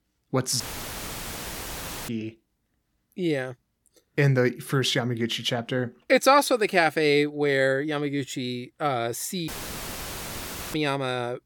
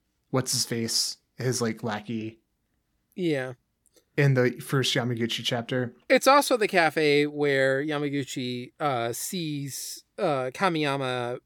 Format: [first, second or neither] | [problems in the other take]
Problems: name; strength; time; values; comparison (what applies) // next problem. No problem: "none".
second | audio cutting out; filled with static; at 0.5 s for 1.5 s and at 9.5 s for 1.5 s